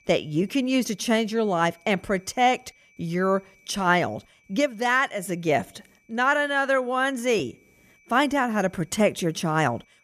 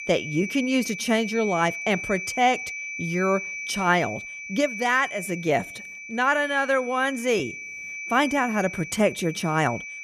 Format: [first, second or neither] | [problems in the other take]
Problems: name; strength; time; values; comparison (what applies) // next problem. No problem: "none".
first | high-pitched whine; loud; throughout; 2.5 kHz, 8 dB below the speech; faint in the first